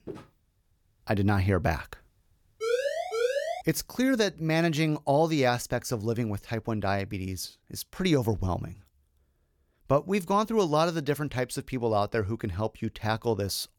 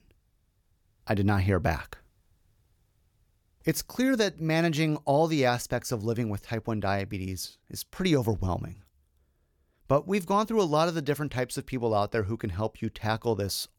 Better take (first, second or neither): second